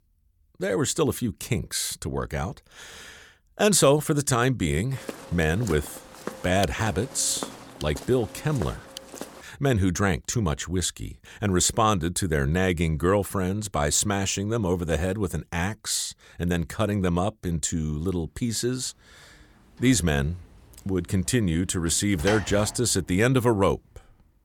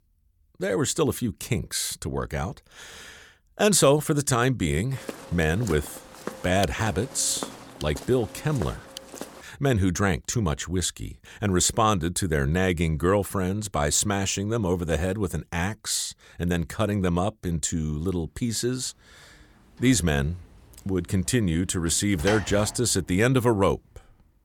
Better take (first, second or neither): neither